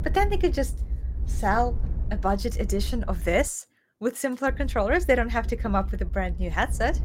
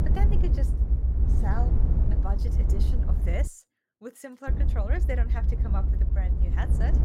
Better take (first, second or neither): first